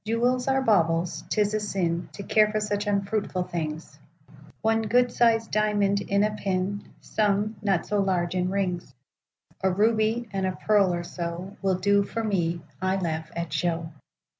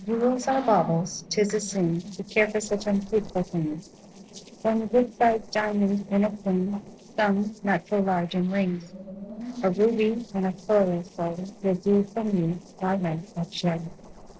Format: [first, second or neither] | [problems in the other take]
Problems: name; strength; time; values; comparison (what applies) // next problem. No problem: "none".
first | noise reduction (neural separator model SepFormer DNS4)